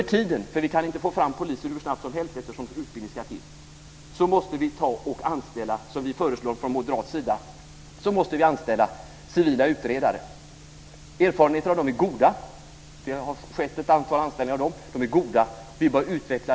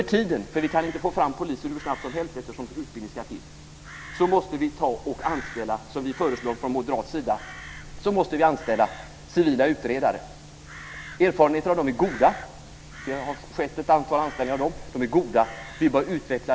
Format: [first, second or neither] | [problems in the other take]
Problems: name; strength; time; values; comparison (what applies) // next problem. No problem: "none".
first | background sound (Crow); 18 dB below the speech